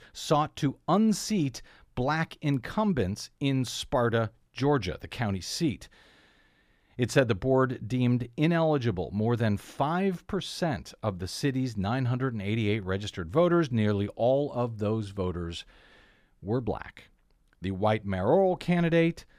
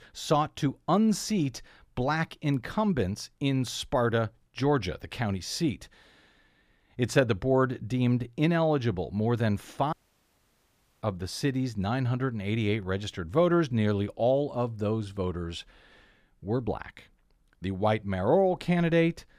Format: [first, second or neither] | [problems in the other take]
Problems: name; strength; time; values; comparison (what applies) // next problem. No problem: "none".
first | audio cutting out; at 10 s for 1 s